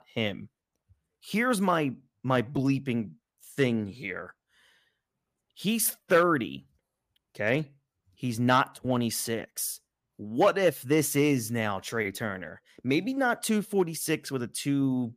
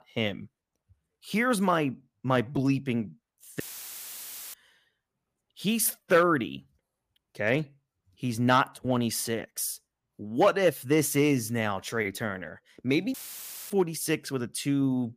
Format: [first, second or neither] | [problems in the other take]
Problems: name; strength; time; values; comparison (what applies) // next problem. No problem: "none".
first | audio cutting out; filled with static; at 3.5 s for 1 s and at 13 s for 0.5 s